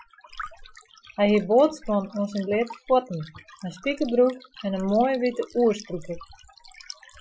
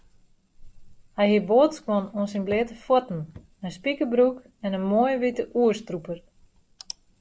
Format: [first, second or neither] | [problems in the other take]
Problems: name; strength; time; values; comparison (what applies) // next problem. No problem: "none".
second | noise reduction (classical method Wiener filter)